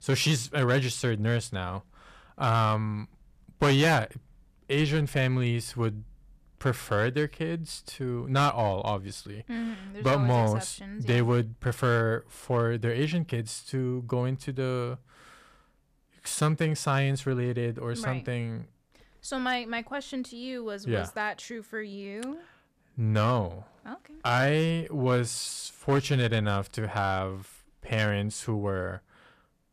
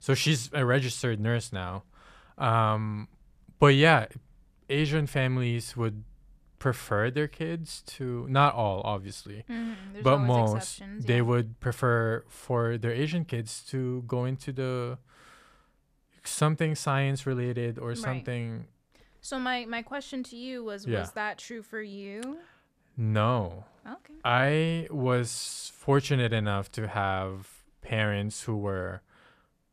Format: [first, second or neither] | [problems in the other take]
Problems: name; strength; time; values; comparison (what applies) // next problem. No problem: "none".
second | distortion; slight; 3% of the sound clipped